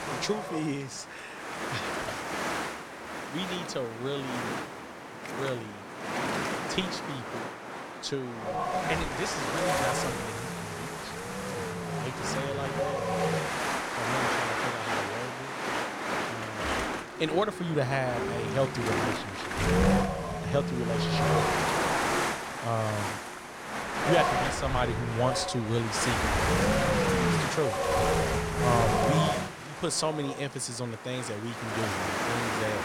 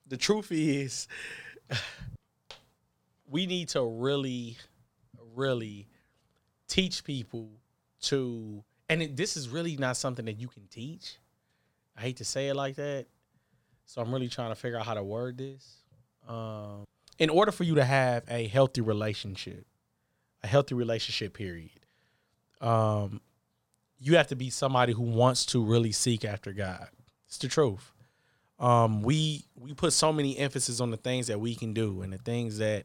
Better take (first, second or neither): second